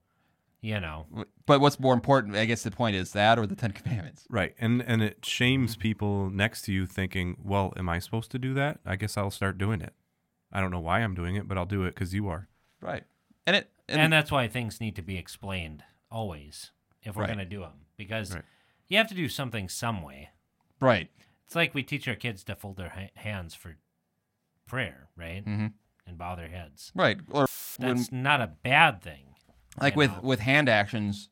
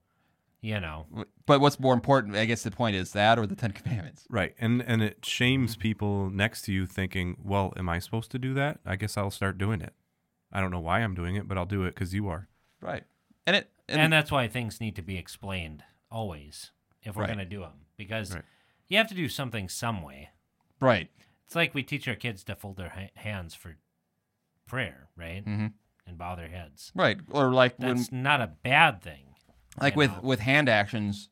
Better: second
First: audio cutting out; filled with static; at 27 s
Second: none

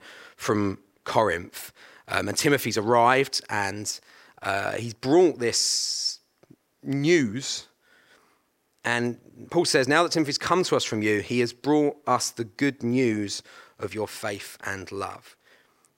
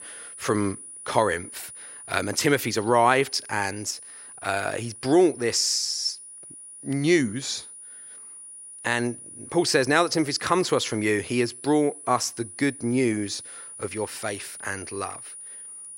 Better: first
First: none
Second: high-pitched whine; noticeable; throughout; 9.5 kHz, 15 dB below the speech

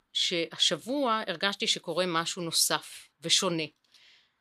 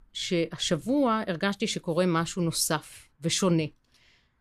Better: second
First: thin; very slightly; fading below 1 kHz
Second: none

